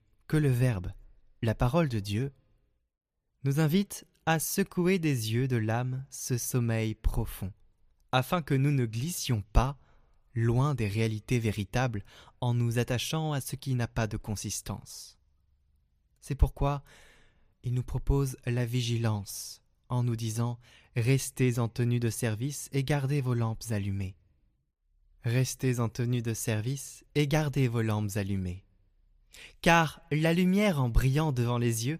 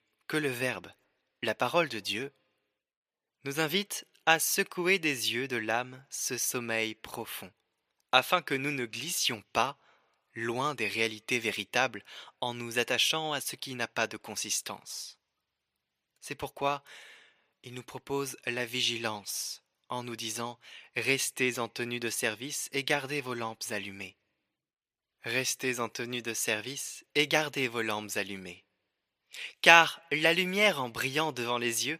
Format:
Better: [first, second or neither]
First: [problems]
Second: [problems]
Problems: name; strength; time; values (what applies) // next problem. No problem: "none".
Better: first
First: none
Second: thin; very; fading below 400 Hz